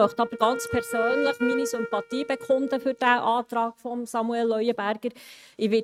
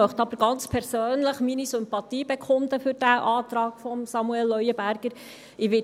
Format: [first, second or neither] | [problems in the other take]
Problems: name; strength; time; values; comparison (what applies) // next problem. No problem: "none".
second | noise reduction (neural mask model RNNoise)